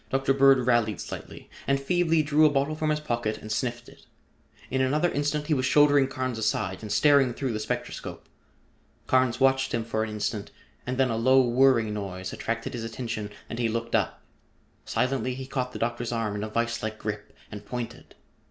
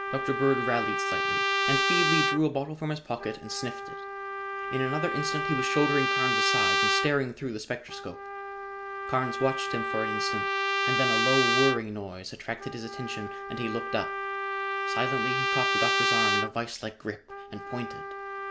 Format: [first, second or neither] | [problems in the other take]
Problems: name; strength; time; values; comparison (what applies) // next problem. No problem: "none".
first | background sound (Trumpet); 2 dB above the speech